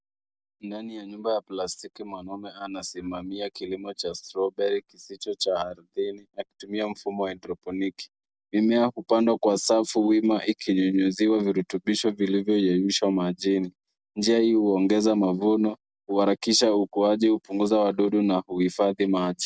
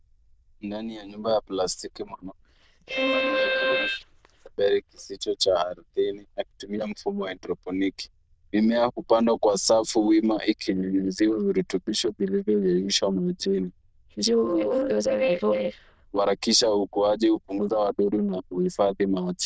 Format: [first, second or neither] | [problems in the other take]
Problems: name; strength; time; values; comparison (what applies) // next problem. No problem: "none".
first | noise reduction (neural diffusion model UNIVERSE++)